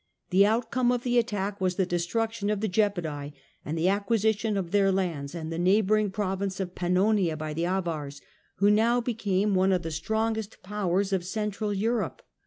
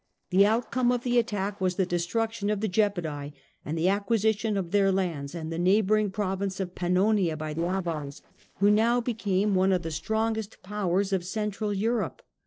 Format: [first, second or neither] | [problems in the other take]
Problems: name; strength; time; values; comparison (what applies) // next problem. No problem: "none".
first | noise reduction (neural separator model SepFormer DNS4)